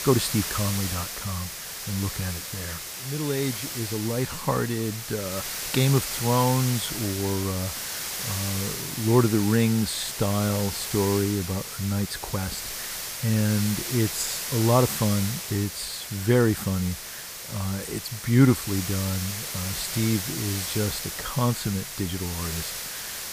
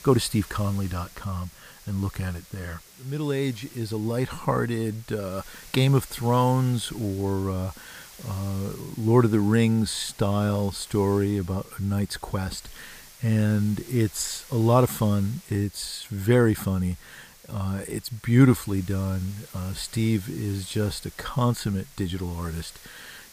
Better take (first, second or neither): second